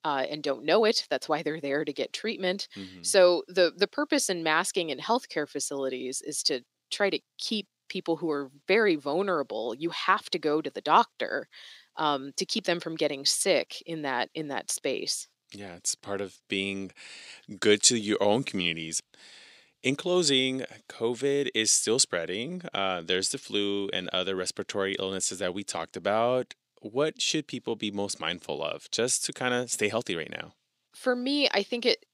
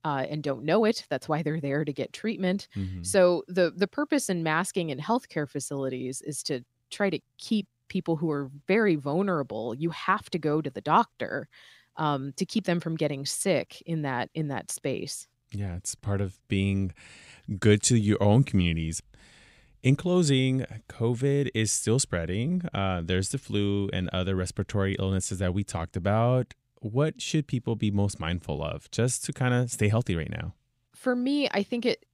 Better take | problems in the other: second | thin; somewhat; fading below 350 Hz

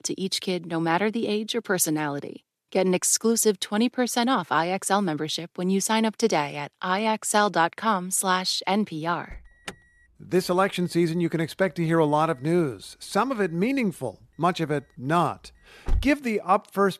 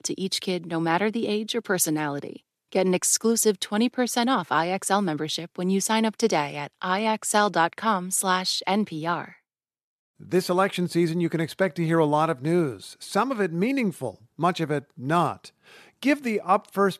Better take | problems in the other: second | alarm; noticeable; from 9.5 to 16 s; peak 7 dB below the speech

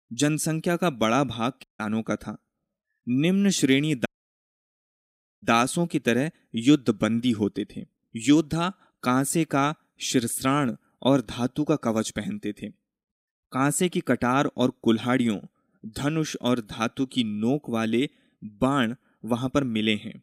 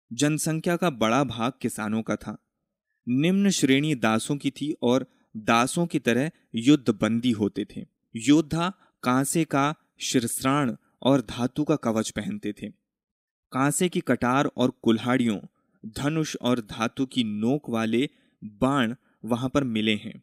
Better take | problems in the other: second | audio cutting out; at 1.5 s and at 4 s for 1.5 s

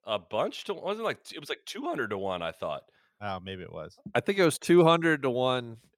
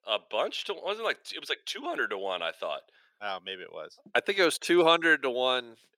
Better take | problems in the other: first | thin; somewhat; fading below 400 Hz

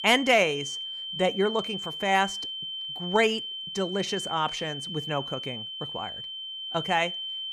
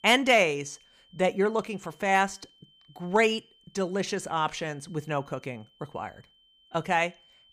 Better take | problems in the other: second | high-pitched whine; loud; throughout; 3 kHz, 6 dB below the speech; faint in the second

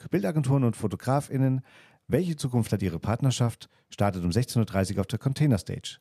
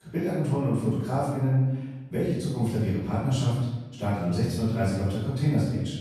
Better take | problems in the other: first | off-mic speech; far // room echo; strong; dies away in 1 s

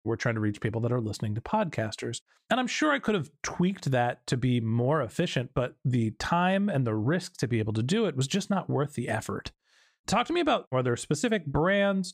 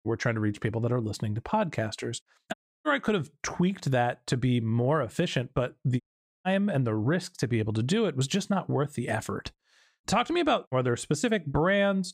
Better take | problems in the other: first | audio cutting out; at 2.5 s and at 6 s

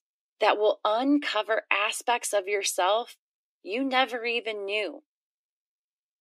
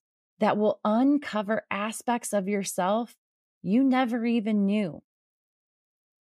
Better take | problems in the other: second | thin; somewhat; fading below 300 Hz

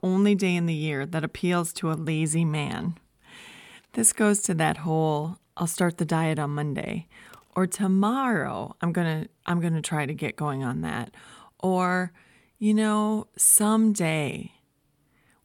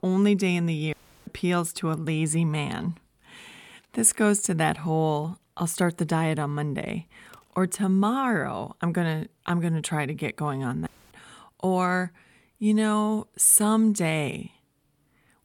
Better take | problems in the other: first | audio cutting out; at 1 s and at 11 s

